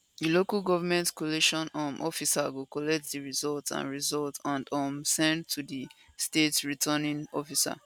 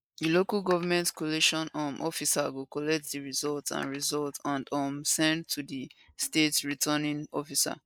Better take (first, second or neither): first